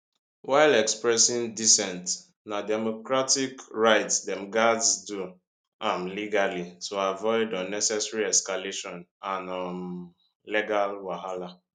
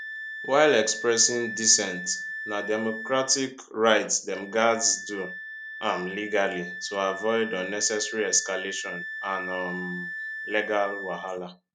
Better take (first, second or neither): first